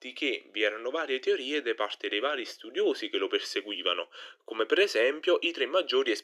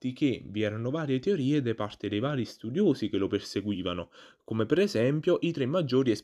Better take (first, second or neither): second